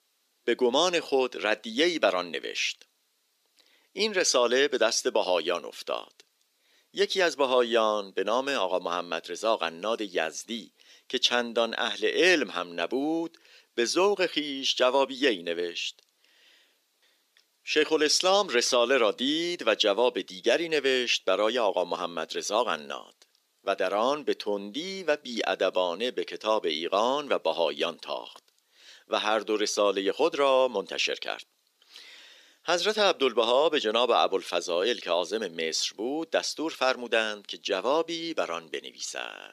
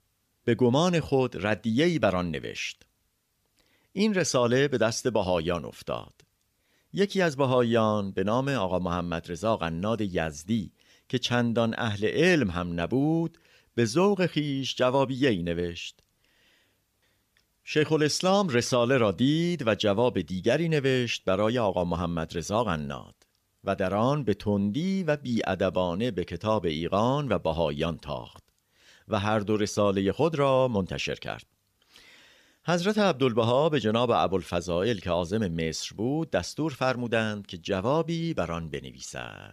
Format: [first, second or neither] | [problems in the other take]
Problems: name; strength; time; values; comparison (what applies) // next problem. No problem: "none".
second | thin; somewhat; fading below 300 Hz